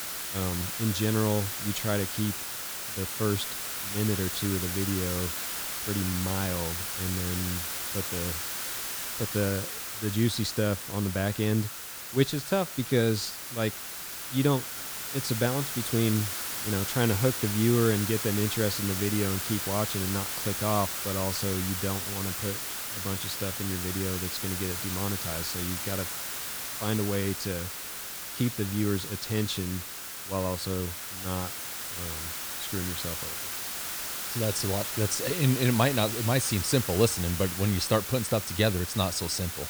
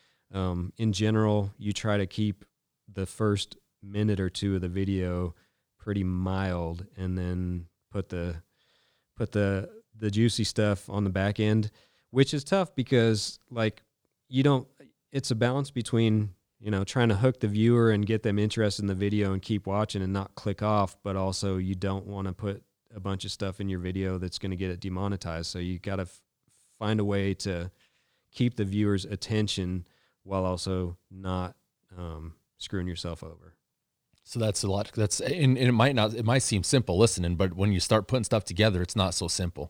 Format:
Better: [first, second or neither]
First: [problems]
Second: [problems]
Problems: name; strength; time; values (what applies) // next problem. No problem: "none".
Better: second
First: hiss; loud; throughout; 2 dB below the speech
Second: none